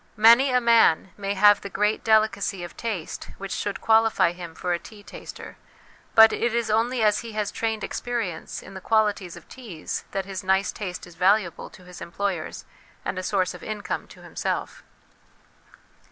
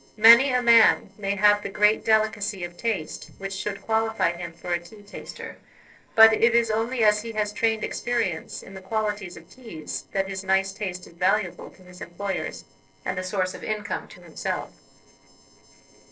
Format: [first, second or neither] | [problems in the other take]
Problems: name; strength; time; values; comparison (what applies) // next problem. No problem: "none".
first | noise reduction (neural separator model SepFormer DNS4)